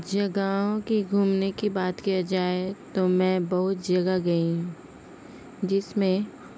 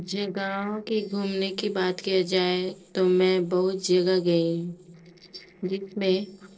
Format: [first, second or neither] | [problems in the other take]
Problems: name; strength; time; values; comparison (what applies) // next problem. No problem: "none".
first | noise reduction (neural separator model SepFormer DNS4)